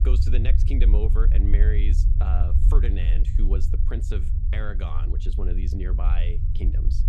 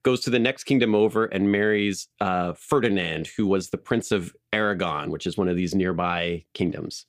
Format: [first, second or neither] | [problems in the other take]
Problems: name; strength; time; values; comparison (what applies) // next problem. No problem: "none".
second | low rumble; loud; throughout; 5 dB below the speech